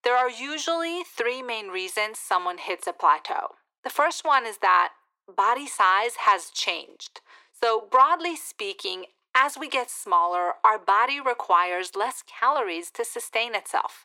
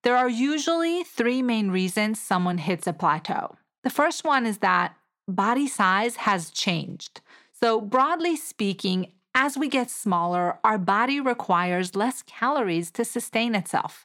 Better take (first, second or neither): second